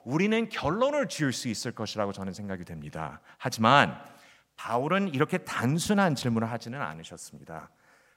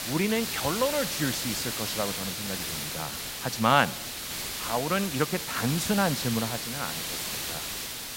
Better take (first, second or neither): first